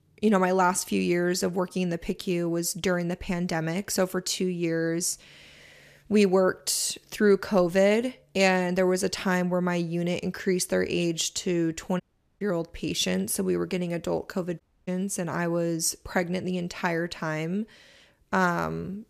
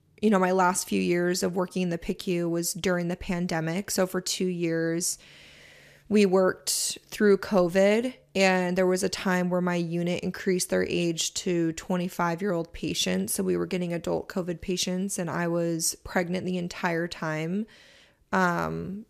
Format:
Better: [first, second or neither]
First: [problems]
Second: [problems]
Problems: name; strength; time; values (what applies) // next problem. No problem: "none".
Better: second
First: audio cutting out; at 12 s and at 15 s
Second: none